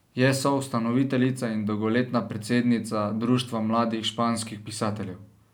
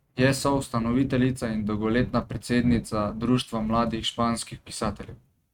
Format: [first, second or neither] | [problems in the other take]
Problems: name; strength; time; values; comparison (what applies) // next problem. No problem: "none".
first | noise reduction (neural mask model RNNoise)